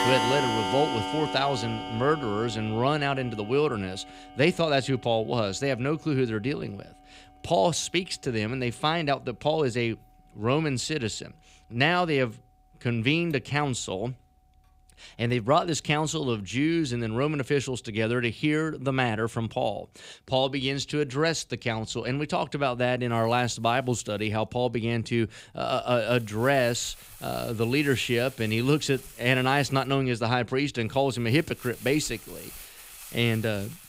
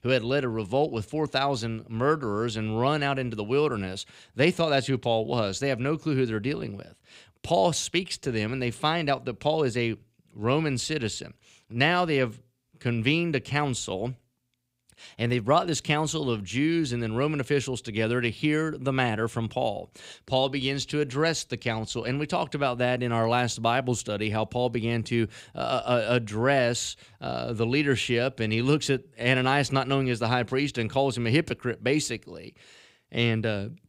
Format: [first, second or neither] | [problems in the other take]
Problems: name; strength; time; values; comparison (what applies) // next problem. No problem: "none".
second | household noises; loud; throughout; 10 dB below the speech